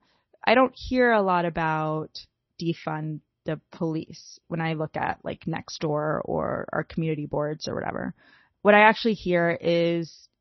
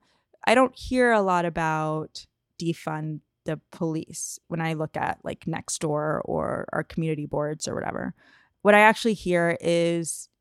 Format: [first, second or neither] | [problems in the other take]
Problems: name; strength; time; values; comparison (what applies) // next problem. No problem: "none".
second | garbled, watery; slightly; nothing above 6 kHz